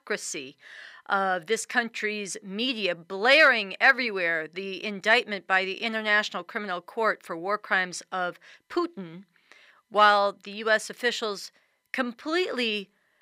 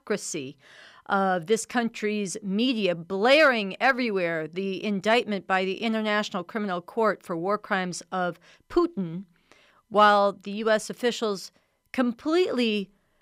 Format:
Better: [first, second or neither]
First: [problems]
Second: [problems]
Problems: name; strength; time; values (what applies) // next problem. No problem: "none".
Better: second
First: thin; somewhat; fading below 450 Hz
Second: none